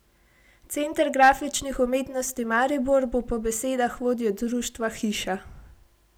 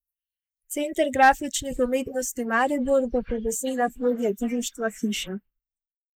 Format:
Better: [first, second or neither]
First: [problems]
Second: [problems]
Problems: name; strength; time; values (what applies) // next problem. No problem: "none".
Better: first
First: none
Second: noise reduction (neural mask model Resemble Enhance denoiser)